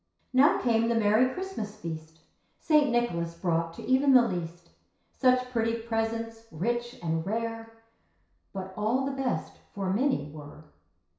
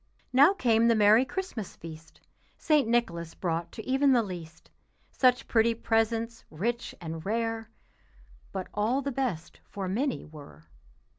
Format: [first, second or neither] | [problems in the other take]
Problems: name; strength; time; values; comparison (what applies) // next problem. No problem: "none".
second | room echo; dies away in 0.6 s